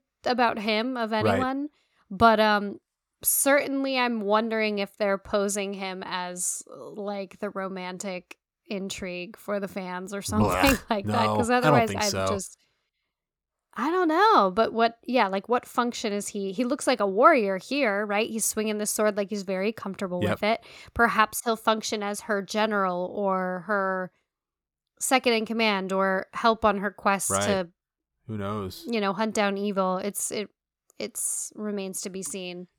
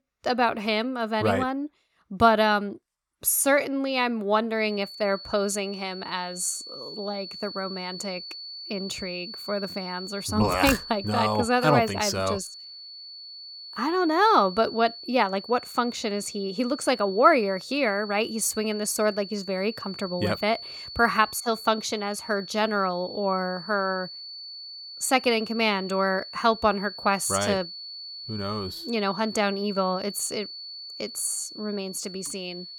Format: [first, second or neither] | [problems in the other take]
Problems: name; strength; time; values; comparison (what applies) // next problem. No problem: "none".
first | high-pitched whine; noticeable; from 4.5 s on; 4.5 kHz, 10 dB below the speech